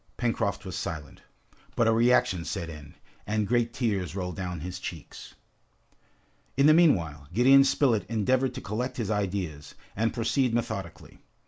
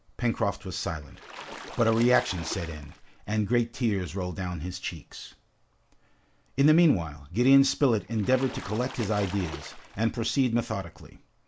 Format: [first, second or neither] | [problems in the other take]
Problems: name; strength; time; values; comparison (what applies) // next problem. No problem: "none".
first | background sound (Splash, splatter); 15 dB below the speech